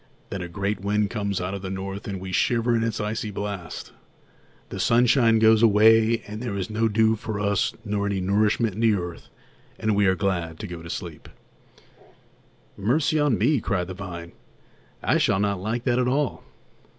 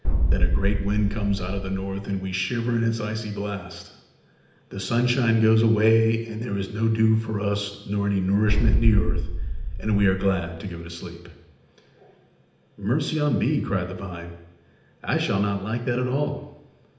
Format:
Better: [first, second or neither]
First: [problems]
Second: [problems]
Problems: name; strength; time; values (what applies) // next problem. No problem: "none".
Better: first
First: none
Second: background sound (Boom); 2 dB above the speech // room echo; dies away in 0.8 s